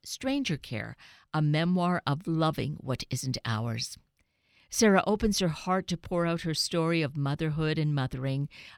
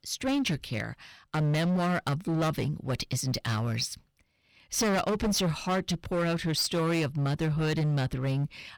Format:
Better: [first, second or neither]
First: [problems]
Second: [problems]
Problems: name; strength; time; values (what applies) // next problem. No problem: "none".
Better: first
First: none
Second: distortion; heavy; 18% of the sound clipped